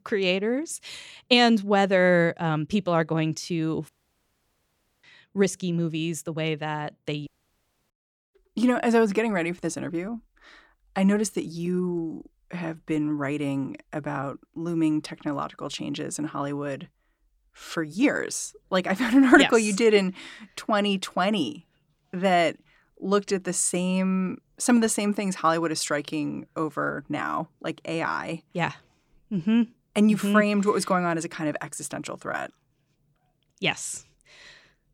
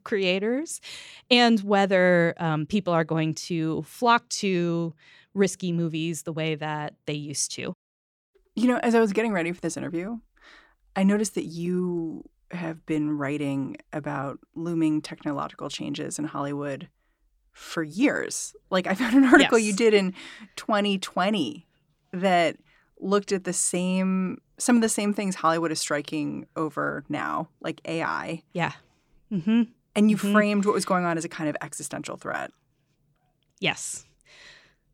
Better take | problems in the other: second | audio cutting out; at 4 s for 1 s and at 7.5 s for 0.5 s

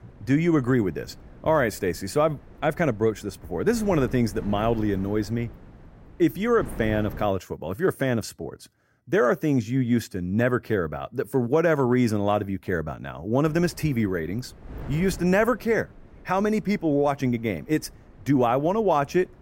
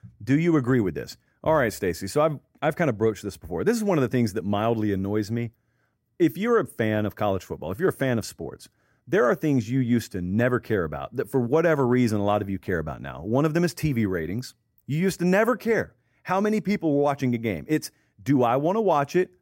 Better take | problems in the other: second | wind noise on the microphone; occasional gusts; until 7.5 s and from 13 s on; 25 dB below the speech

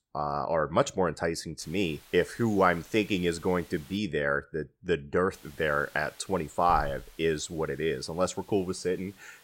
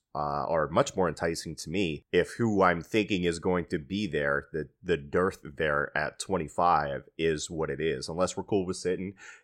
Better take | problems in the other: second | hiss; faint; from 1.5 to 4 s and from 5.5 s on; 20 dB below the speech

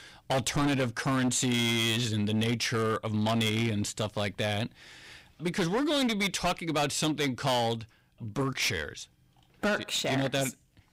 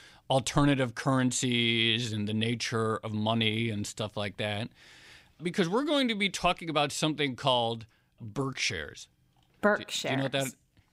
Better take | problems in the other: second | distortion; heavy; 13% of the sound clipped

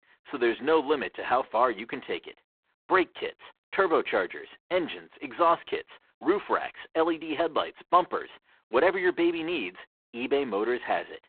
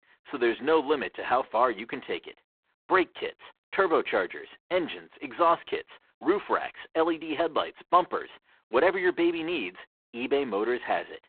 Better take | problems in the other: neither | phone-call audio; poor line; the same in both

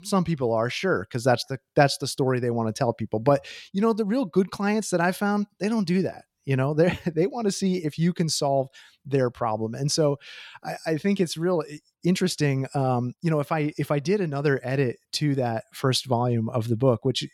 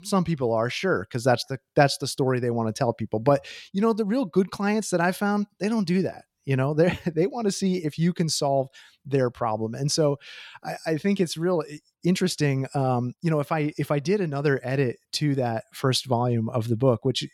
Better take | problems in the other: neither | none

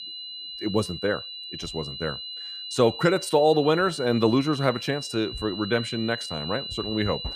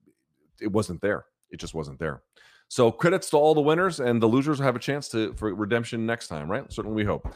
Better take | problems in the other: second | high-pitched whine; loud; throughout; 4 kHz, 9 dB below the speech

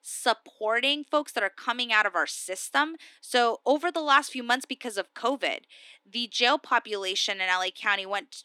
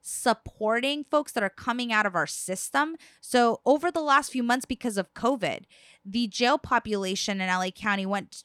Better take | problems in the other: second | thin; very slightly; fading below 300 Hz

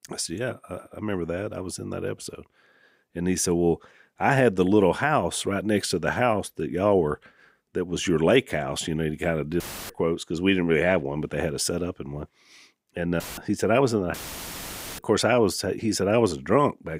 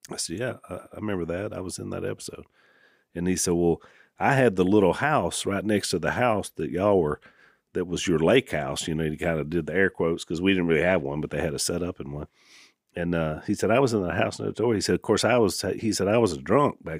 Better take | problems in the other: second | audio cutting out; filled with static; at 9.5 s, at 13 s and at 14 s for 1 s

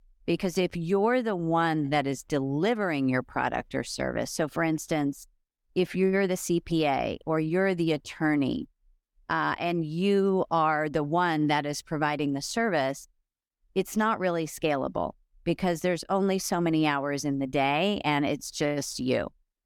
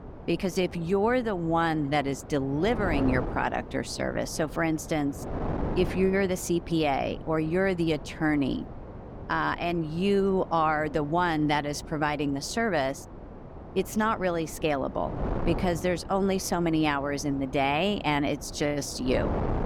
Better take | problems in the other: first | wind noise on the microphone; occasional gusts; 15 dB below the speech

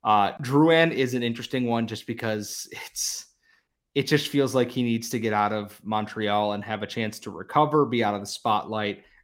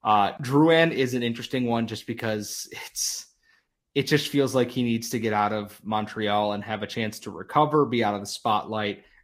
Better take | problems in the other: first | garbled, watery; slightly; nothing above 16 kHz

